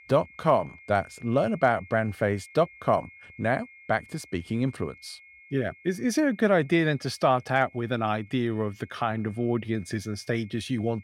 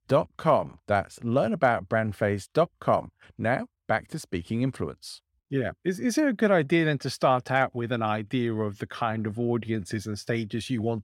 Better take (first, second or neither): second